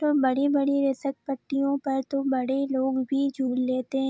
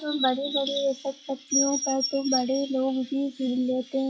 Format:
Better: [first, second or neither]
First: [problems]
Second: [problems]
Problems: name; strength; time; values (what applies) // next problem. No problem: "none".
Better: first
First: none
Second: noise reduction (classical method WPE with log-MMSE)